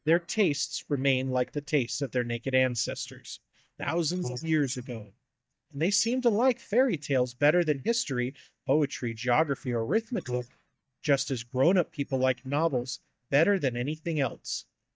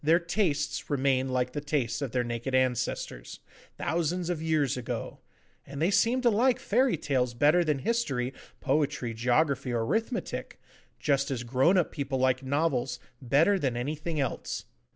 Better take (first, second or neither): second